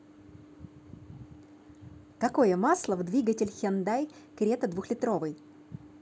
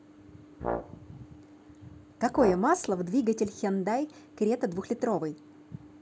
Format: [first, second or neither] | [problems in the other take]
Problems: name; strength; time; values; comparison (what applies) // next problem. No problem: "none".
first | background sound (Brass instrument); 7 dB below the speech